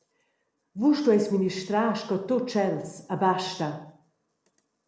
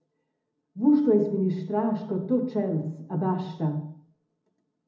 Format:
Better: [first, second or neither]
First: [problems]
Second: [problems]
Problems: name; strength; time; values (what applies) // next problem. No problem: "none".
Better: first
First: none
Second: room echo; dies away in 0.4 s